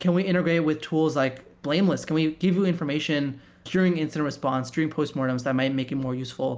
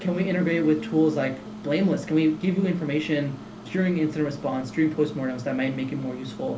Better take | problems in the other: first | background sound (Microwave oven); 13 dB below the speech // room echo; dies away in 0.3 s

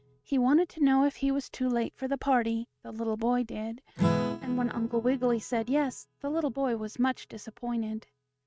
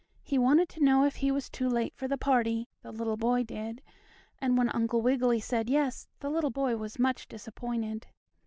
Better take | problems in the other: second | noise reduction (neural mask model RNNoise)

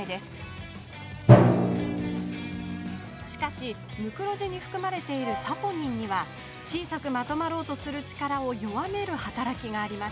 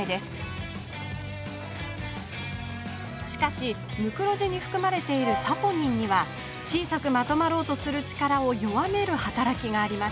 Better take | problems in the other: second | background sound (Drum); 3 dB above the speech

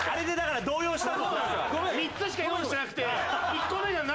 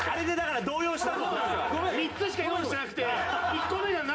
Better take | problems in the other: first | room echo; dies away in 0.3 s

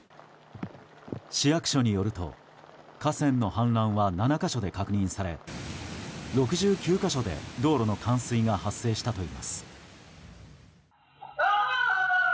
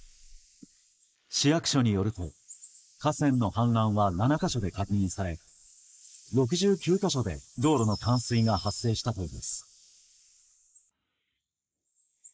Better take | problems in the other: first | noise reduction (neural mask model Resemble Enhance denoiser)

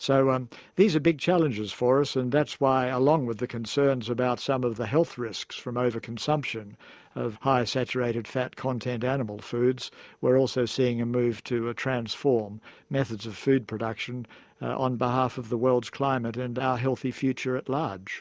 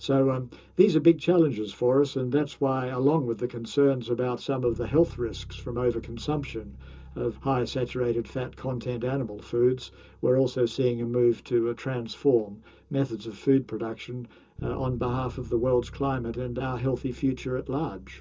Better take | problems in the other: first | background sound (Bass guitar); 18 dB below the speech // room echo; dies away in 0.2 s

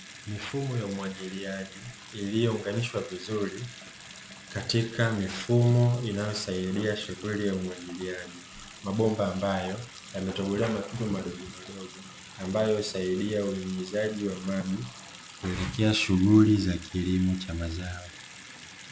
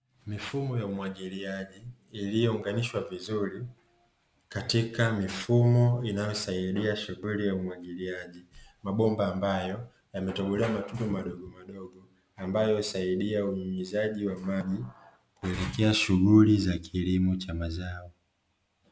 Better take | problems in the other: second | background sound (Bathtub (filling or washing) / Sink (filling or washing) / Water tap, faucet); 17 dB below the speech

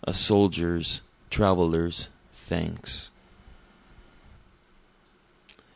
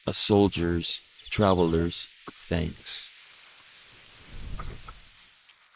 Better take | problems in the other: first | noise reduction (neural mask model Resemble Enhance denoiser)

